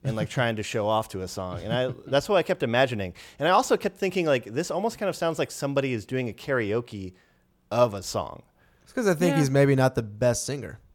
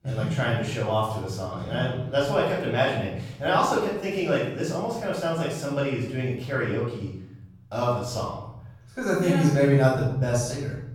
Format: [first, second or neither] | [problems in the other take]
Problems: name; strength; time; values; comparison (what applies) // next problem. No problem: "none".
first | off-mic speech; far // room echo; noticeable; dies away in 1 s